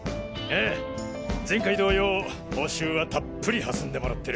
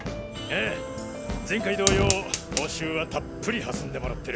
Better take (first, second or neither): first